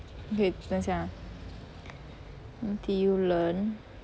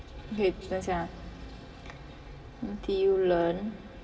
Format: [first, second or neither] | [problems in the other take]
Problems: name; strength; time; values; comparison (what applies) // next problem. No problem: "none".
first | room echo; dies away in 1.4 s